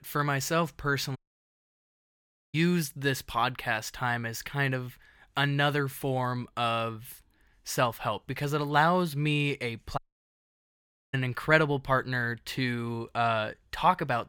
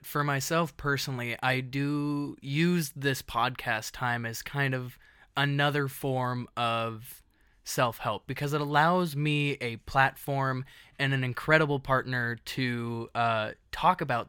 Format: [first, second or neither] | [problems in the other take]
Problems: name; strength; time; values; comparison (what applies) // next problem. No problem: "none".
second | audio cutting out; at 1 s for 1.5 s and at 10 s for 1 s